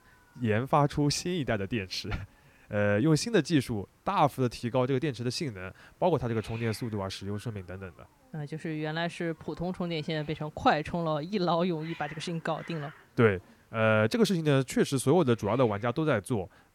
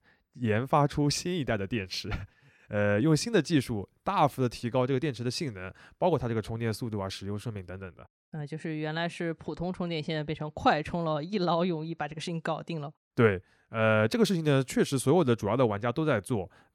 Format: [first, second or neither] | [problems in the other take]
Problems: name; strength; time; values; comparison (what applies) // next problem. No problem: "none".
second | hiss; faint; throughout; 25 dB below the speech